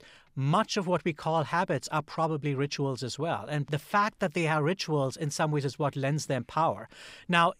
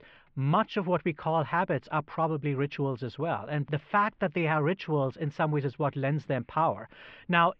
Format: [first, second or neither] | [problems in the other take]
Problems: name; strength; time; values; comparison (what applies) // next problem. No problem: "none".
first | muffled; very; fading above 3 kHz